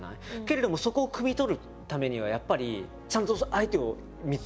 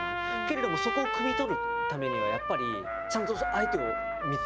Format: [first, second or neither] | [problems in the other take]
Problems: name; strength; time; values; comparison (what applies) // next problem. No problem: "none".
first | background sound (Trumpet); 2 dB above the speech